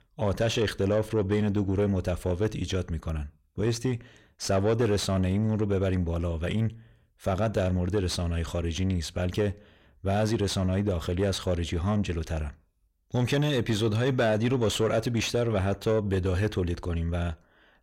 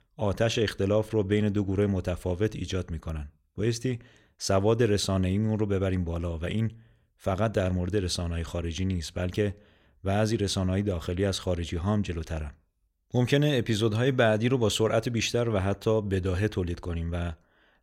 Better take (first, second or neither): second